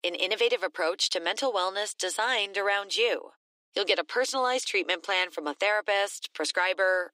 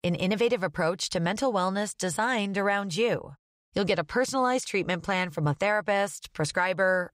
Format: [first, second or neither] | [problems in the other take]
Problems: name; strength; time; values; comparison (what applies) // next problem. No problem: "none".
second | thin; very; fading below 300 Hz